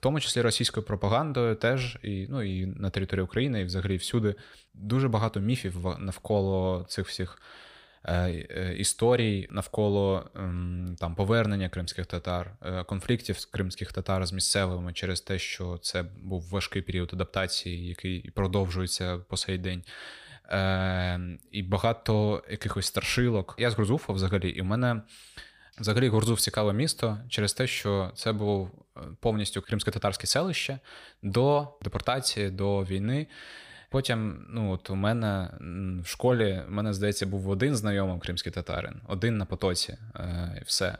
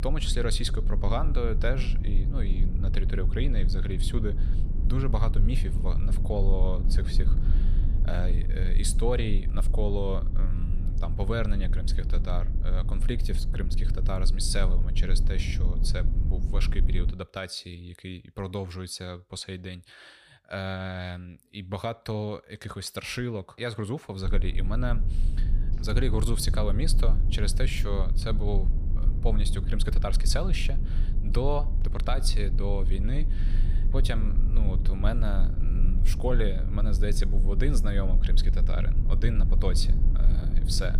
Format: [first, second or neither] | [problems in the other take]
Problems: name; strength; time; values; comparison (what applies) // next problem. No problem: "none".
first | low rumble; noticeable; until 17 s and from 24 s on; 10 dB below the speech